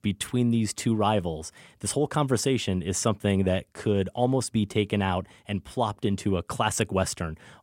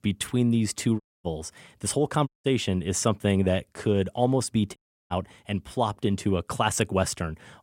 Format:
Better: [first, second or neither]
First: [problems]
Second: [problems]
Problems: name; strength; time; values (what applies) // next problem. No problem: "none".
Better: first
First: none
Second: audio cutting out; at 1 s, at 2.5 s and at 5 s